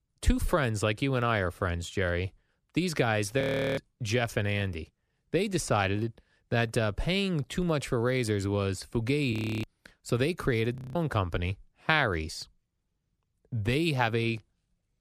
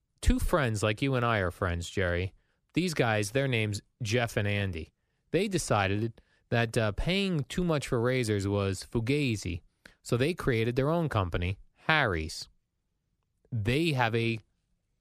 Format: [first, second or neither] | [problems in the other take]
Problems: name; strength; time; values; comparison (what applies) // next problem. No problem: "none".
second | audio freezing; at 3.5 s, at 9.5 s and at 11 s